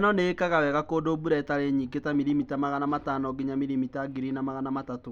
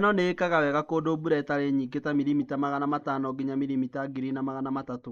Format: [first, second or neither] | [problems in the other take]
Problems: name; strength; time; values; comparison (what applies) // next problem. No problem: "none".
first | noise reduction (neural mask model Resemble Enhance denoiser)